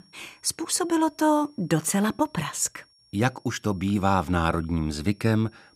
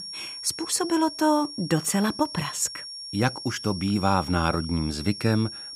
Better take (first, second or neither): first